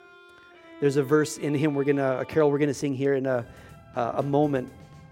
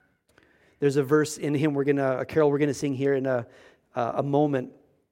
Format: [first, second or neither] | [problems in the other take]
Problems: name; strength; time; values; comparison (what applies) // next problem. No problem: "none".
second | background music; faint; throughout; 25 dB below the speech